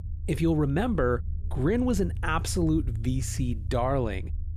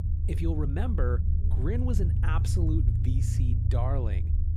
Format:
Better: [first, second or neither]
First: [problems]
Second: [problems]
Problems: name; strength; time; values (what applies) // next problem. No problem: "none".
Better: first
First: low rumble; faint; throughout; 20 dB below the speech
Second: low rumble; loud; throughout; 5 dB below the speech